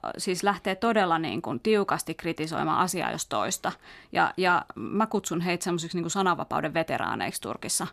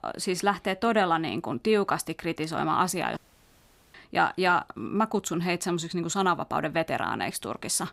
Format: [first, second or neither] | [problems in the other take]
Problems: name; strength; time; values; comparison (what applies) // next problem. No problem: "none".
first | audio cutting out; at 3 s for 1 s